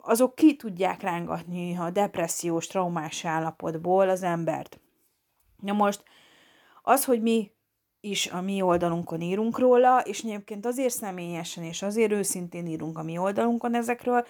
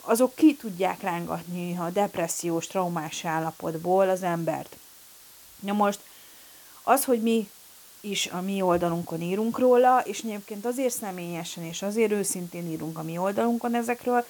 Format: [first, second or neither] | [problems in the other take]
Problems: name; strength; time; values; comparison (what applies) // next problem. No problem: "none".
first | hiss; faint; throughout; 20 dB below the speech